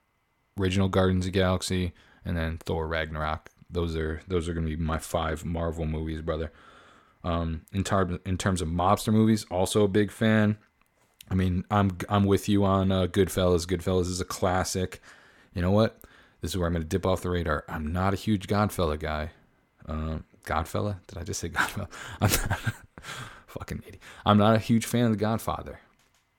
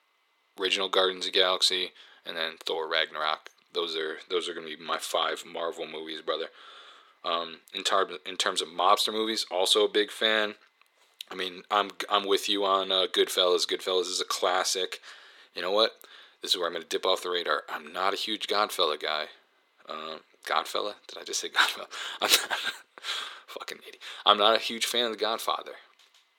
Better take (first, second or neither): first